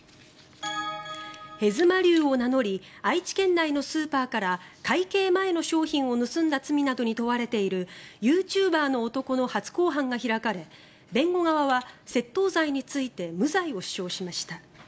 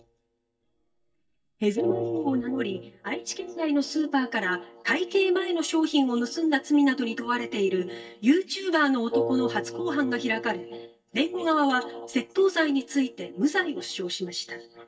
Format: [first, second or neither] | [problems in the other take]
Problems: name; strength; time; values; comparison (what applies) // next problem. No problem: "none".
first | noise reduction (neural mask model DeepFilterNet 3)